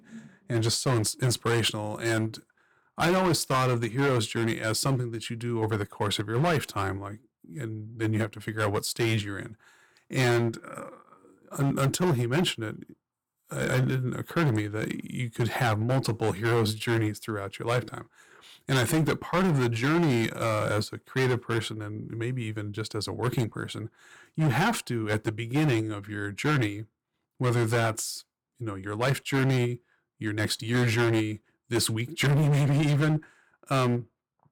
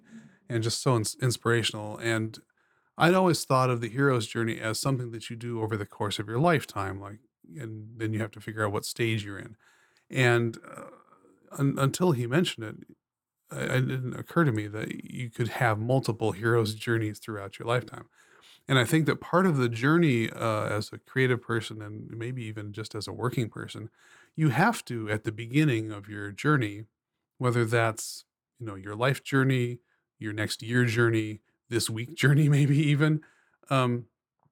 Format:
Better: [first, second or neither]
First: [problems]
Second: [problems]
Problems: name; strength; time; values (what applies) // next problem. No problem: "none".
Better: second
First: distortion; heavy; 10% of the sound clipped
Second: none